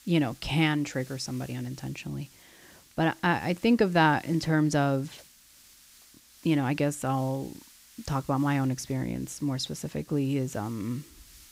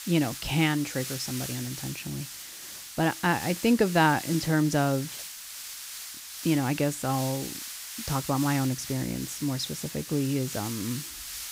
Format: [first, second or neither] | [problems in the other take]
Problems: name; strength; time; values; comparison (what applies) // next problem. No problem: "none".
first | hiss; loud; throughout; 9 dB below the speech; faint in the first